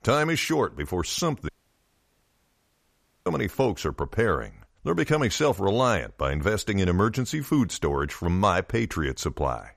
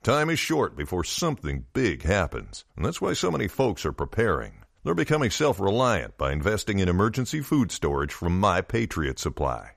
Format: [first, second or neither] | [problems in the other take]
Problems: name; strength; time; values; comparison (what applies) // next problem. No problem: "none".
second | audio cutting out; at 1.5 s for 2 s